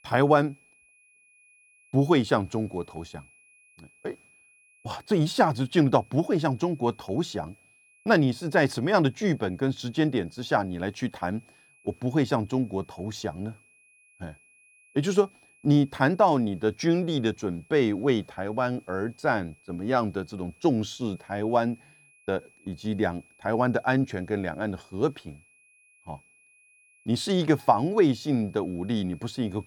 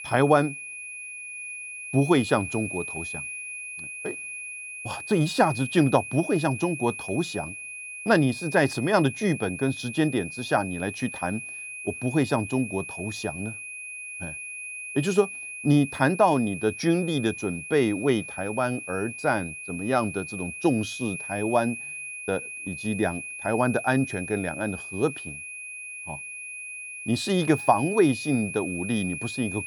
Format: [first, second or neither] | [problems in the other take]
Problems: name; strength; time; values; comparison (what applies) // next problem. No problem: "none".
first | high-pitched whine; loud; throughout; 2.5 kHz, 9 dB below the speech; faint in the first